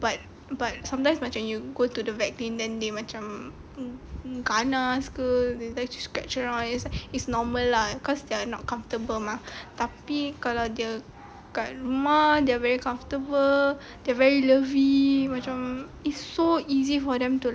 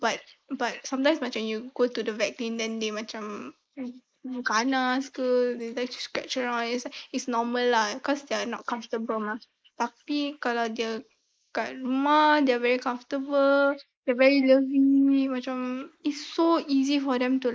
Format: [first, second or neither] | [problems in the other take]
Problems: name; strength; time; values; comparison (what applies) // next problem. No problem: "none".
first | noise reduction (neural mask model Resemble Enhance denoiser)